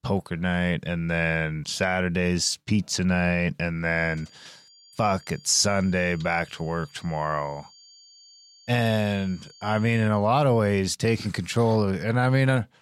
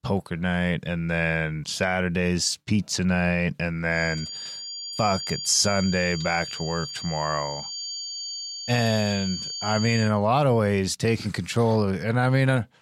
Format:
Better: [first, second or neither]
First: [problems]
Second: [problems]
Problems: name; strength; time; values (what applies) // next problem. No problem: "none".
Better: first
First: high-pitched whine; faint; from 4 to 10 s; 4.5 kHz, 25 dB below the speech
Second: high-pitched whine; loud; from 4 to 10 s; 4.5 kHz, 7 dB below the speech